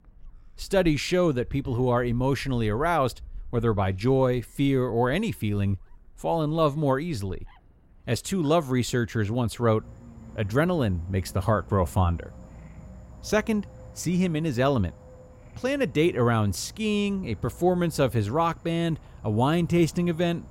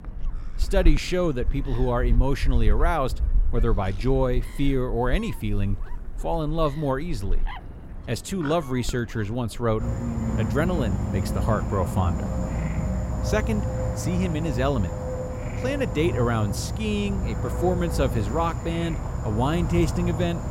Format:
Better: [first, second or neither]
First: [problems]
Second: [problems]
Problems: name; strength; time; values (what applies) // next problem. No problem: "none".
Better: first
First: animal sounds; faint; throughout; 20 dB below the speech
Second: animal sounds; loud; throughout; 3 dB below the speech